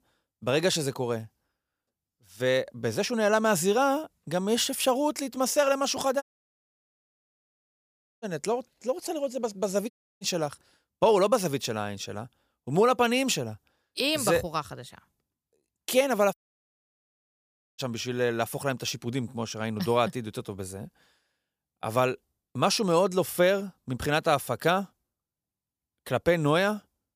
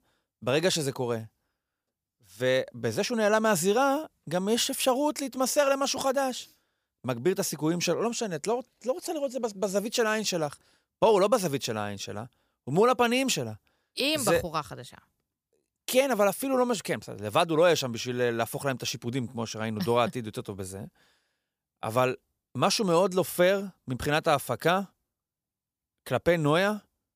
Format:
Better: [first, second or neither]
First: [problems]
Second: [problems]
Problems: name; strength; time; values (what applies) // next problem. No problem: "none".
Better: second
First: audio cutting out; at 6 s for 2 s, at 10 s and at 16 s for 1.5 s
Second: none